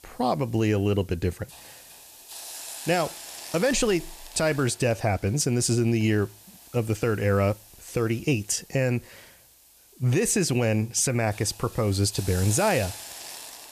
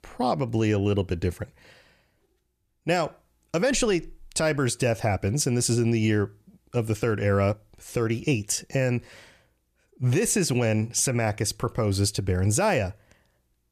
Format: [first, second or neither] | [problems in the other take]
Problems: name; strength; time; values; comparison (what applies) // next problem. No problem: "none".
second | hiss; noticeable; throughout; 15 dB below the speech